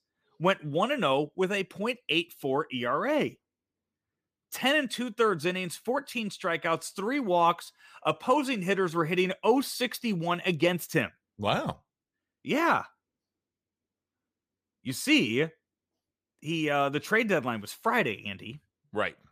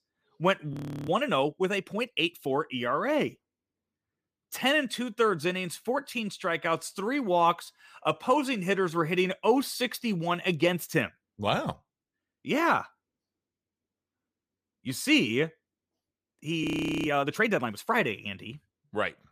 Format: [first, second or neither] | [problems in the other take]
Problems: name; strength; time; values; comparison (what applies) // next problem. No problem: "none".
first | audio freezing; at 0.5 s and at 17 s